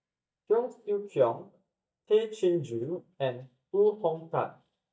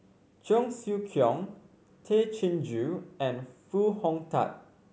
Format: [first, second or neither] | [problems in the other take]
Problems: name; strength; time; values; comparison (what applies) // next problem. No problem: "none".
second | noise reduction (neural mask model DeepFilterNet 3)